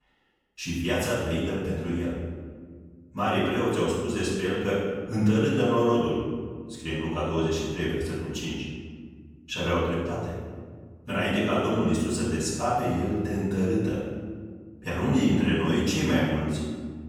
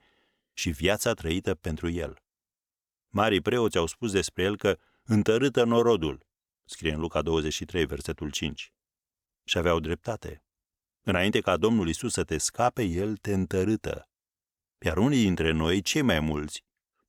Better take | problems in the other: second | room echo; strong; dies away in 1.7 s // off-mic speech; far

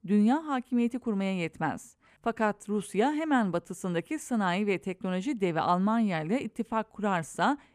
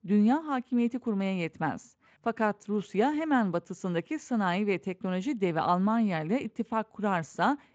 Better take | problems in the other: first | garbled, watery; slightly; nothing above 7.5 kHz

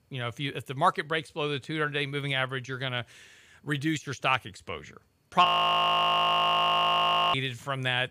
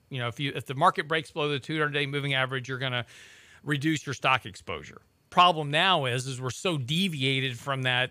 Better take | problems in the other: second | audio freezing; at 5.5 s for 2 s

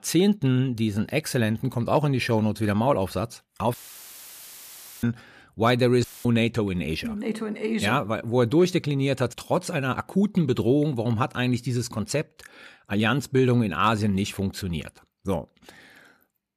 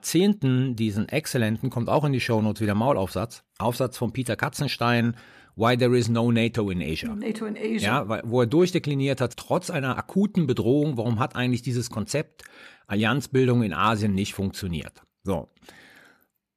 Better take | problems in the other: second | audio cutting out; filled with static; at 3.5 s for 1.5 s and at 6 s

